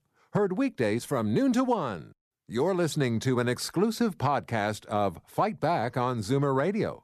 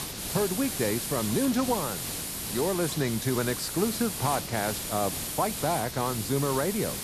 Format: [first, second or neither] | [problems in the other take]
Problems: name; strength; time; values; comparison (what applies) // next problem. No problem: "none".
first | hiss; loud; throughout; 3 dB below the speech